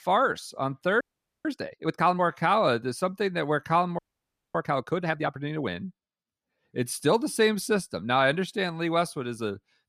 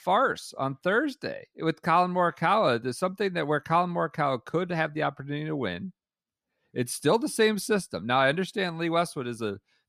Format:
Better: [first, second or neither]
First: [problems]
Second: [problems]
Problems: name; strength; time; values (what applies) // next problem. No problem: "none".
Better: second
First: audio freezing; at 1 s and at 4 s for 0.5 s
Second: none